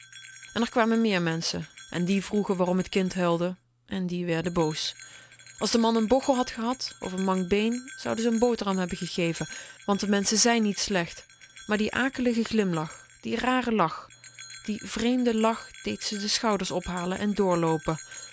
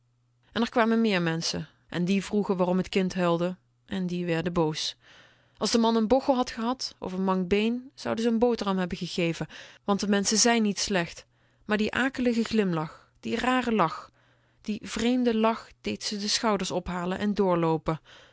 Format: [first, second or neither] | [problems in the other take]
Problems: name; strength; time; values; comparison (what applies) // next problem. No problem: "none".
second | background sound (Bell); 19 dB below the speech